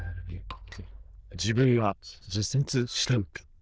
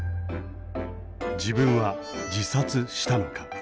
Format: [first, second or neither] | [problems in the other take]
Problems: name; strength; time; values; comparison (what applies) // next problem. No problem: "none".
second | noise reduction (neural diffusion model UNIVERSE++)